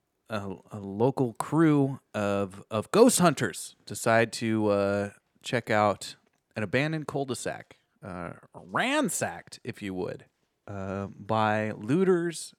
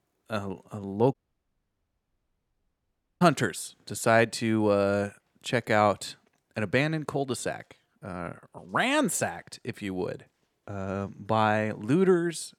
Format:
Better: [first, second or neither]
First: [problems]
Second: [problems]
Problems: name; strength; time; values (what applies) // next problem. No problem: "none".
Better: first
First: none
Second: audio cutting out; at 1 s for 2 s